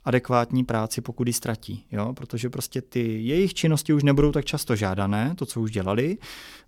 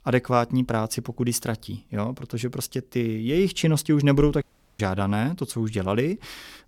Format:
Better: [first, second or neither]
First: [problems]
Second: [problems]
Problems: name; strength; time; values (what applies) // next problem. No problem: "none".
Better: first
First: none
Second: audio cutting out; at 4.5 s